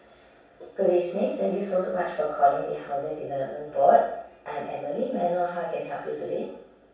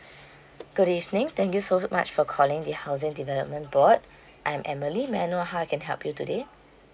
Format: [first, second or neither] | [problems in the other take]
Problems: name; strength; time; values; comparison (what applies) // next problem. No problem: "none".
second | room echo; dies away in 0.7 s